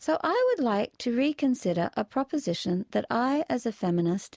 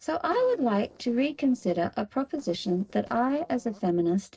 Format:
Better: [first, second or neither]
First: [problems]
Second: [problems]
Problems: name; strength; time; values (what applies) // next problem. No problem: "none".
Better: first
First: none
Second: noise reduction (neural separator model SepFormer DNS4)